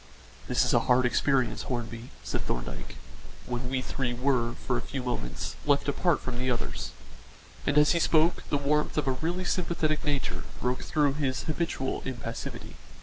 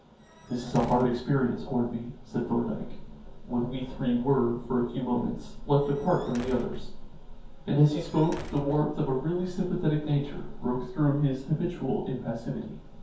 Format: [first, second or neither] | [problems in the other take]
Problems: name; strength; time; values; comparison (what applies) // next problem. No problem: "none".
first | background sound (Squeak / Slam / Wood); 16 dB below the speech // room echo; dies away in 0.6 s